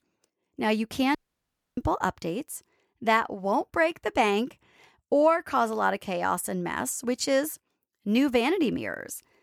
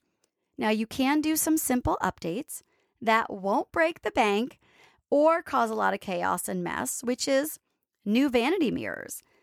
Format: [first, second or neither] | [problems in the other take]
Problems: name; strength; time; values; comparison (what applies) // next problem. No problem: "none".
second | audio cutting out; at 1 s for 0.5 s